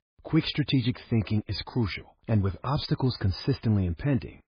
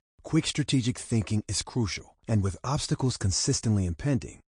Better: second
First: garbled, watery; badly; nothing above 5 kHz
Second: garbled, watery; slightly; nothing above 9 kHz

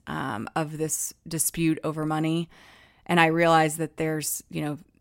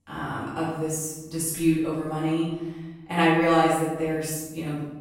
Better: first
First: none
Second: room echo; strong; dies away in 1 s // off-mic speech; far

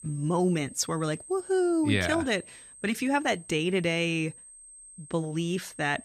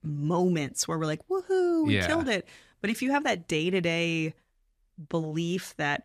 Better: second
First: high-pitched whine; noticeable; throughout; 8.5 kHz, 20 dB below the speech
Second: none

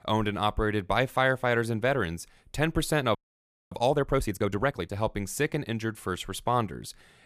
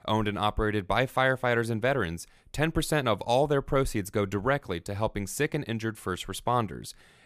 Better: second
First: audio freezing; at 3 s for 0.5 s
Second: none

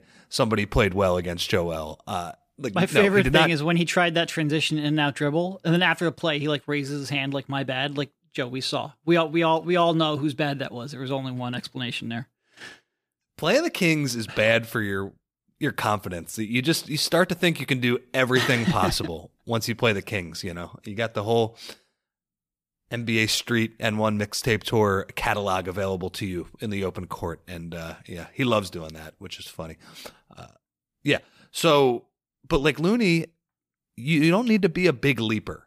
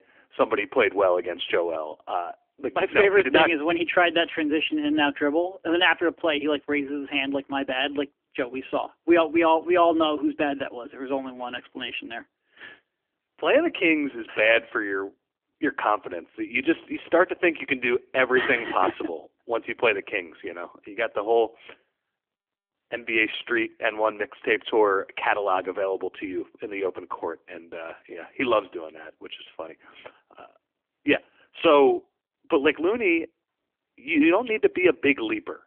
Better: first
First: none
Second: phone-call audio; nothing above 3.5 kHz

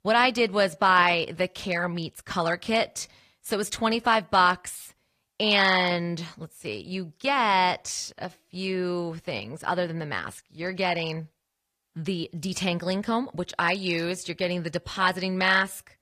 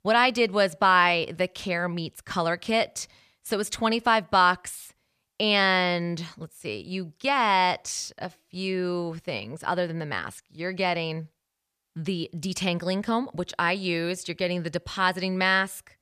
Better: second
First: garbled, watery; slightly; nothing above 14.5 kHz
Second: none

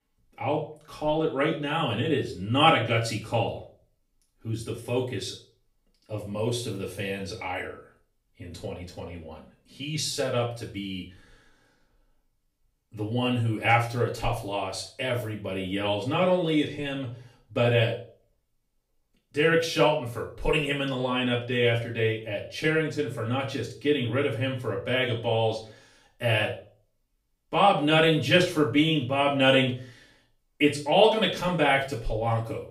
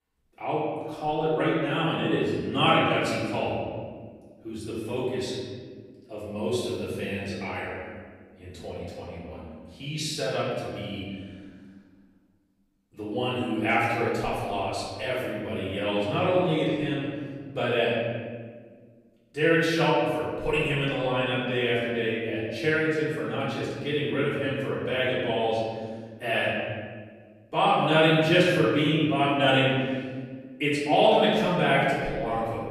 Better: first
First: room echo; slight; dies away in 0.4 s // off-mic speech; far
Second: room echo; strong; dies away in 1.8 s // off-mic speech; far

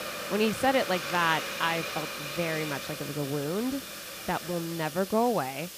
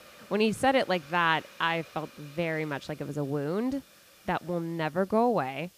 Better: second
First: hiss; loud; throughout; 6 dB below the speech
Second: hiss; faint; throughout; 25 dB below the speech

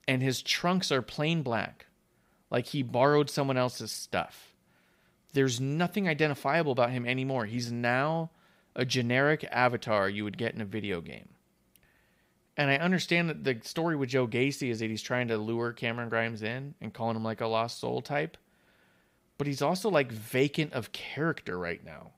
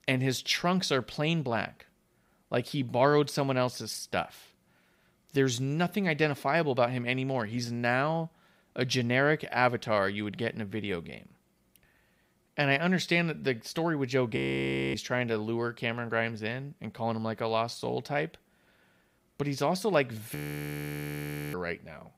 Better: first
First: none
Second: audio freezing; at 14 s for 0.5 s and at 20 s for 1 s

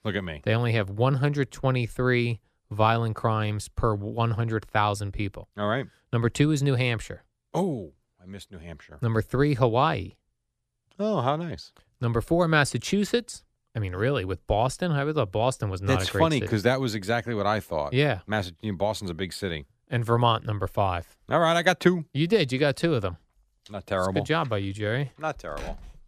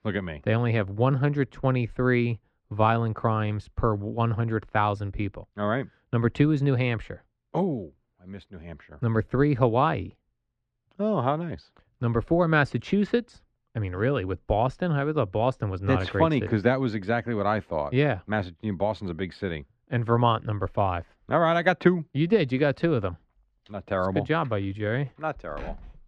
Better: first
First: none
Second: muffled; slightly; fading above 2.5 kHz

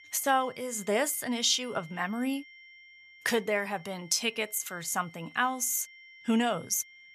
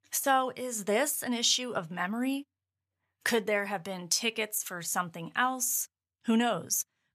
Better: second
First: high-pitched whine; faint; throughout; 2 kHz, 20 dB below the speech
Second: none

